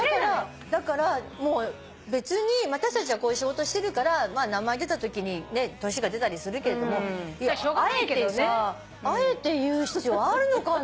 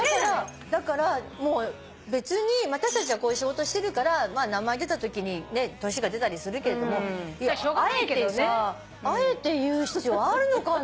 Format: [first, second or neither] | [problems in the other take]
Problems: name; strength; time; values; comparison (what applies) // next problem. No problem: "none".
first | background sound (Shatter); 13 dB below the speech